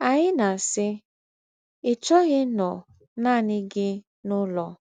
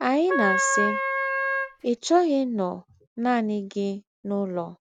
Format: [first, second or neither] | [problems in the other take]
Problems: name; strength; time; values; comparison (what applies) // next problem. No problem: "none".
first | background sound (Wind instrument, woodwind instrument); as loud as the speech